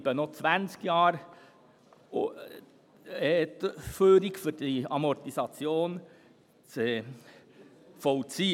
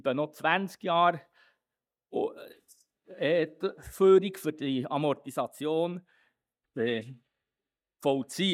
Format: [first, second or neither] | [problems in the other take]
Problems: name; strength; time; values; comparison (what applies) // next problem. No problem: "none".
first | noise reduction (neural mask model DeepFilterNet 3)